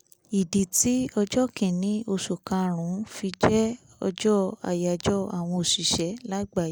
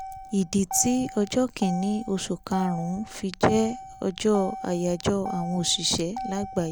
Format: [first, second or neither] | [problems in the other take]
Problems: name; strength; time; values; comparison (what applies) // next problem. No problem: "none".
first | background sound (Motor vehicle (road)); 11 dB below the speech